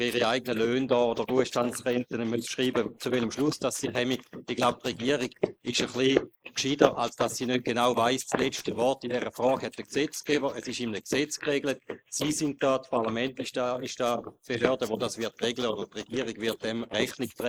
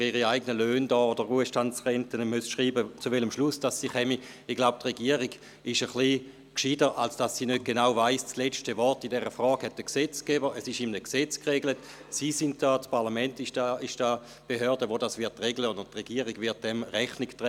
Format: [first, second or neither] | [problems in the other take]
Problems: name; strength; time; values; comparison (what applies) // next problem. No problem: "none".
second | noise reduction (neural mask model Resemble Enhance denoiser)